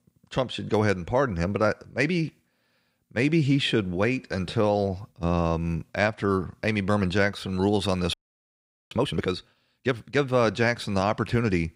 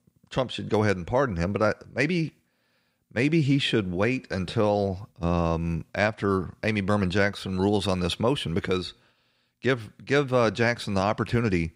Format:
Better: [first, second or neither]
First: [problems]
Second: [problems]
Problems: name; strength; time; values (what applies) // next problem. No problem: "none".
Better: second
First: audio freezing; at 8 s for 1 s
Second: none